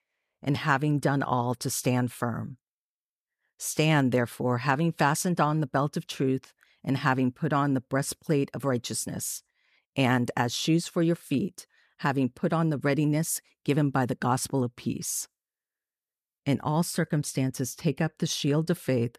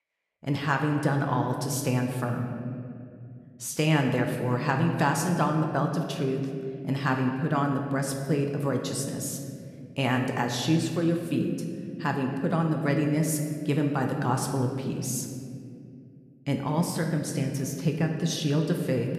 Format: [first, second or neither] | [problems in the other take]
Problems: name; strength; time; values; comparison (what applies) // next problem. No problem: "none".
first | room echo; slight; dies away in 2 s